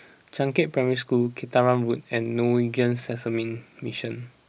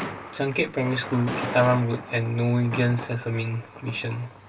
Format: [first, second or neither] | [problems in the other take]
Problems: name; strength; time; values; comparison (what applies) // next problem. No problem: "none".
first | background sound (Thunder); 10 dB below the speech // room echo; dies away in 0.2 s